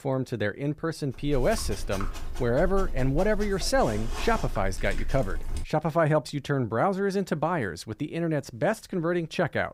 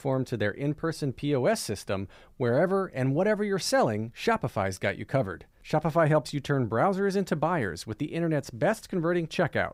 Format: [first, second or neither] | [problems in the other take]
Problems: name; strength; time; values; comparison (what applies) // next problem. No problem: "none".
second | dog barking; noticeable; from 1 to 5.5 s; peak 7 dB below the speech